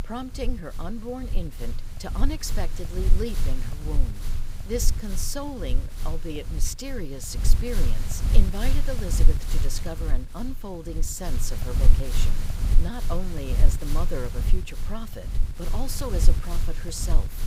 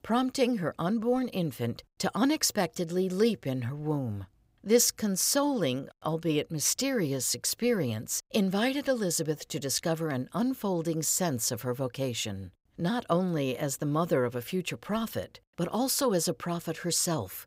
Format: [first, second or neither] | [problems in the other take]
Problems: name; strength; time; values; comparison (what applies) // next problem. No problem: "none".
second | wind noise on the microphone; heavy; 6 dB below the speech